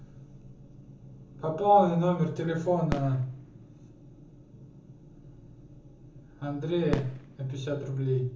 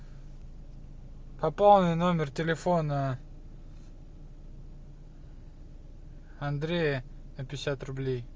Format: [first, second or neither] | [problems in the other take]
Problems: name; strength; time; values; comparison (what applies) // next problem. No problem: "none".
second | background sound (Fireworks); 14 dB below the speech // room echo; dies away in 0.6 s